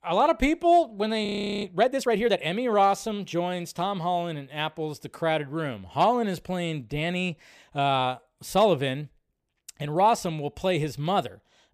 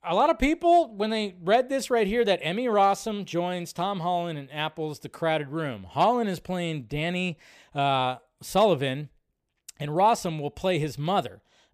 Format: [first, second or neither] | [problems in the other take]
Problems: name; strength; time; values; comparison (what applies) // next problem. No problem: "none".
second | audio freezing; at 1.5 s